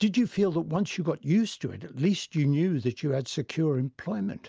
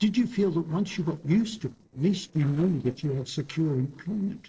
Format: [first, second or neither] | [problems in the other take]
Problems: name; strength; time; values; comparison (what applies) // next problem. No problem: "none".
first | noise reduction (neural separator model SepFormer DNS4)